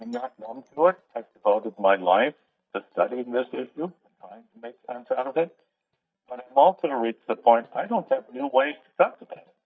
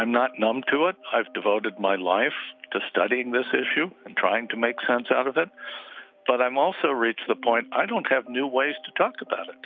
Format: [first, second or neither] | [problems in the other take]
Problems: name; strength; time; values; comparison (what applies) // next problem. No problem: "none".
second | noise reduction (neural mask model DeepFilterNet 3)